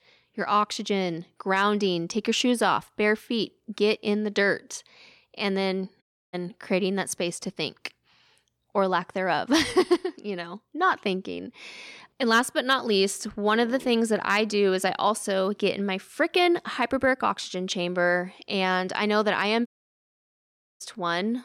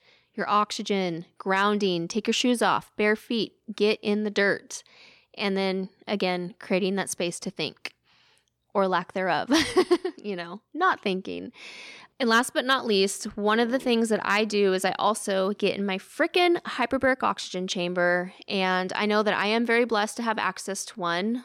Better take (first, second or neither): second